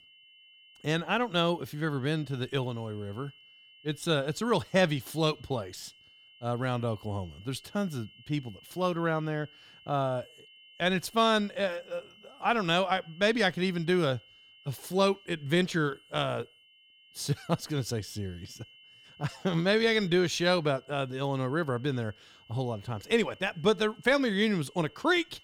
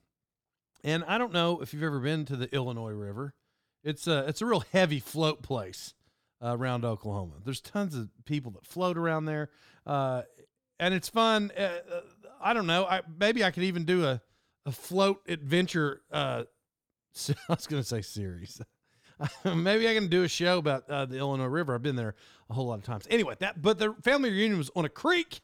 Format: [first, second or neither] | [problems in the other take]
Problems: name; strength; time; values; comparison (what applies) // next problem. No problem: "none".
second | high-pitched whine; faint; throughout; 3 kHz, 25 dB below the speech